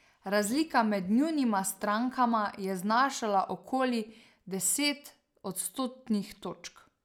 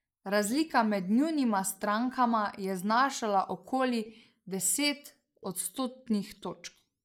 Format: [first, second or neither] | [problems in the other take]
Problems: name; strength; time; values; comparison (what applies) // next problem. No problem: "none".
first | noise reduction (neural mask model Resemble Enhance denoiser)